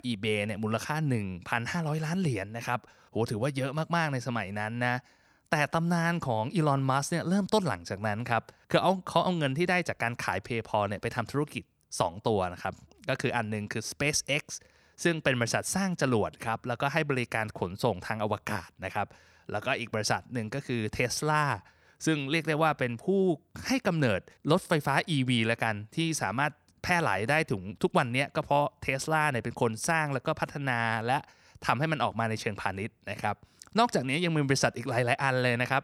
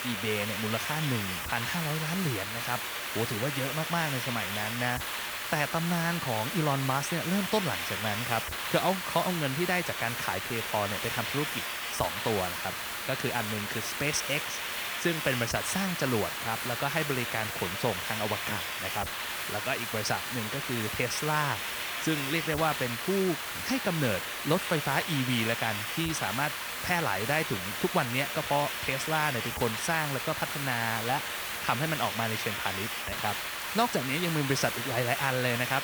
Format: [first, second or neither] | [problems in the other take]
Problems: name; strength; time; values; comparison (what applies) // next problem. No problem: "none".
first | hiss; loud; throughout; 1 dB below the speech